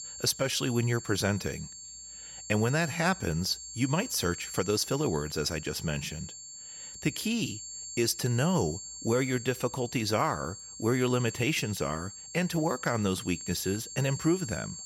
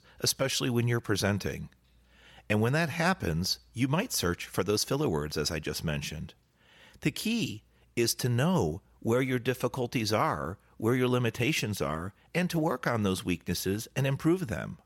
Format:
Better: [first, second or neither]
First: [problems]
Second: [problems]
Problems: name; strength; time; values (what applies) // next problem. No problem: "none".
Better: second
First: high-pitched whine; noticeable; throughout; 7.5 kHz, 10 dB below the speech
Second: none